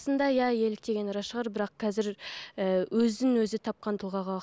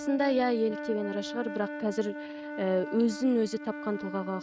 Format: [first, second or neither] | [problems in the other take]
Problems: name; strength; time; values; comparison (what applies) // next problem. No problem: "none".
first | noise reduction (neural mask model RNNoise)